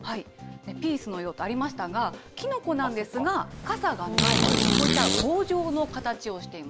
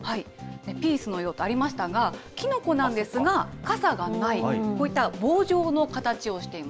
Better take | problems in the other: second | background sound (Fart); 3 dB above the speech

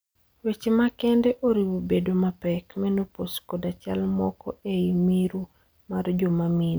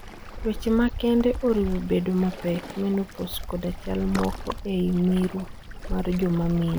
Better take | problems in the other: first | background sound (Waves, surf); 9 dB below the speech

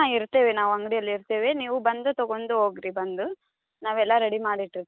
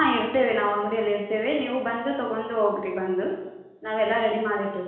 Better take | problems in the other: first | room echo; dies away in 1.1 s

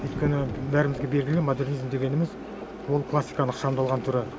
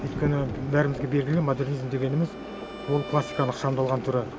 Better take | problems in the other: first | background sound (Bowed string instrument); 20 dB below the speech

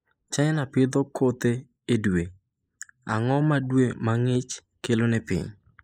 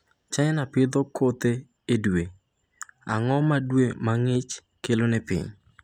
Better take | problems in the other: second | noise reduction (neural mask model Resemble Enhance denoiser)

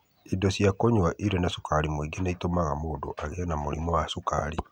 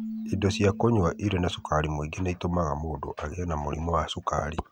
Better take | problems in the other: first | background sound (Keyboard (musical)); 14 dB below the speech

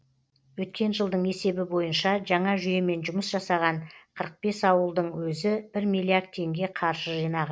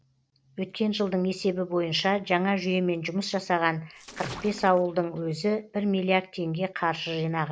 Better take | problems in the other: first | background sound (Splash, splatter); 17 dB below the speech

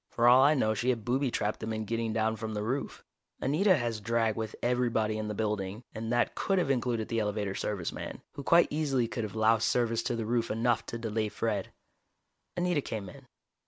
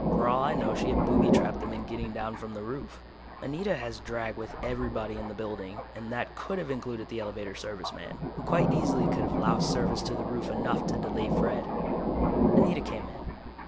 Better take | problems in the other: first | background sound (Thunder); 4 dB above the speech

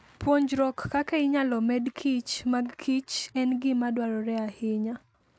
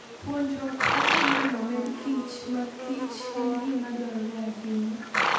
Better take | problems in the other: first | background sound (Livestock, farm animals, working animals); 1 dB above the speech // room echo; dies away in 0.8 s

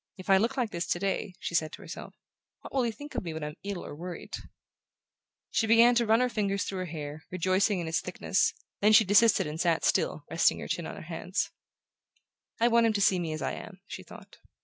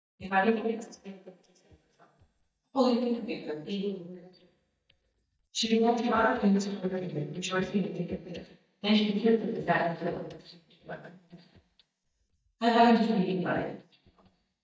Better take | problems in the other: first | noise reduction (neural mask model DeepFilterNet 3)

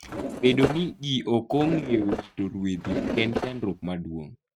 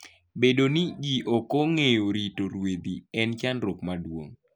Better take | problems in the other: second | noise reduction (neural mask model RNNoise)

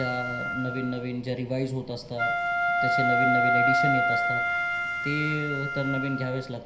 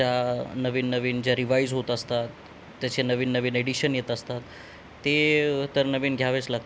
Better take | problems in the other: second | background sound (Wind instrument, woodwind instrument); 4 dB above the speech // room echo; dies away in 0.5 s

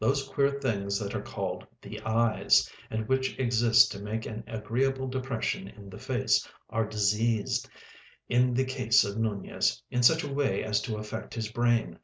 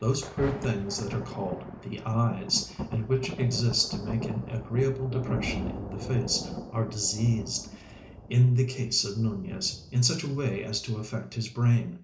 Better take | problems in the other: first | background sound (Thunder); 11 dB below the speech // room echo; dies away in 0.4 s

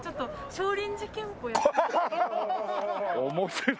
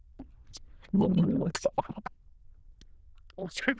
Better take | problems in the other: first | noise reduction (neural diffusion model UNIVERSE++)

